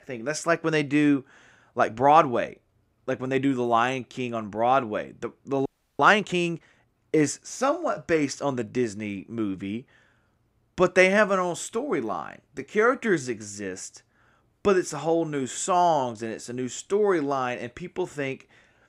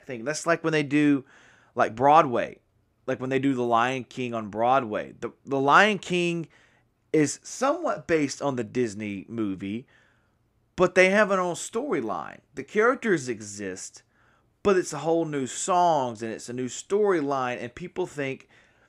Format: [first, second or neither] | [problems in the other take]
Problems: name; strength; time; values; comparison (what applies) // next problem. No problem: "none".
second | audio freezing; at 5.5 s